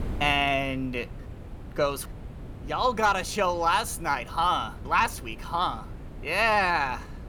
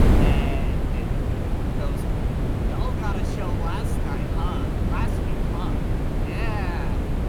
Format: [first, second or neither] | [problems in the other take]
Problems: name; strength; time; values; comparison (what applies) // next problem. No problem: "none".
first | wind noise on the microphone; heavy; 3 dB above the speech; occasional gusts in the first